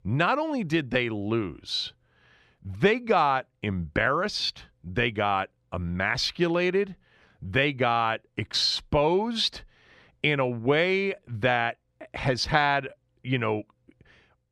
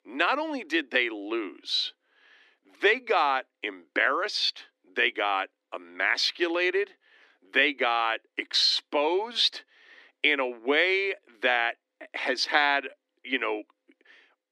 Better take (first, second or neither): first